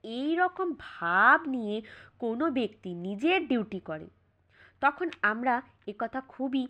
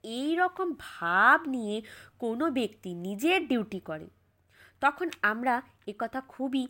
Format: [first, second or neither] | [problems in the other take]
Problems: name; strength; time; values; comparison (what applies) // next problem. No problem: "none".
second | muffled; slightly; fading above 3.5 kHz